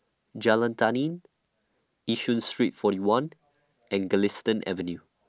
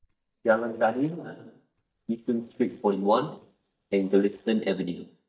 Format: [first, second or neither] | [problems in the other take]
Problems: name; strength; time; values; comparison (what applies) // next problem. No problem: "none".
first | noise reduction (neural mask model DeepFilterNet 3)